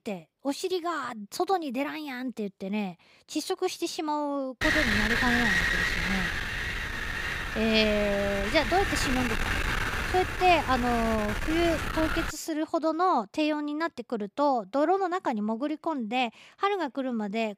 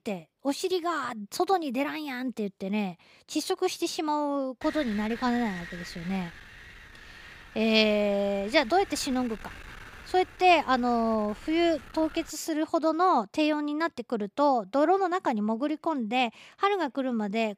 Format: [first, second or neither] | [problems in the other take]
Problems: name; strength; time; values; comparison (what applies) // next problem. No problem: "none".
second | wind noise on the microphone; heavy; from 4.5 to 12 s; 1 dB above the speech; occasional gusts in the second